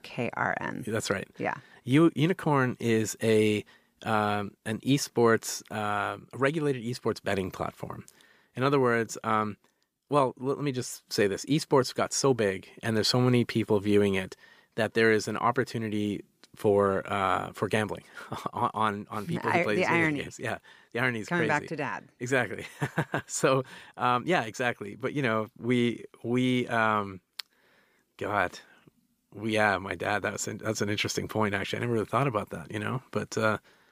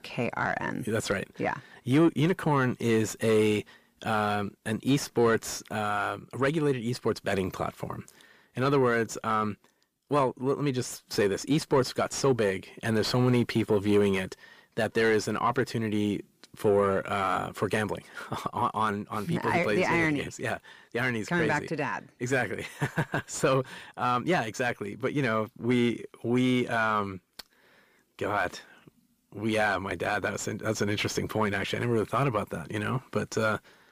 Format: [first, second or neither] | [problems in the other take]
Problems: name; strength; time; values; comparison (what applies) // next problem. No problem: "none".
first | distortion; slight; 10 dB below the speech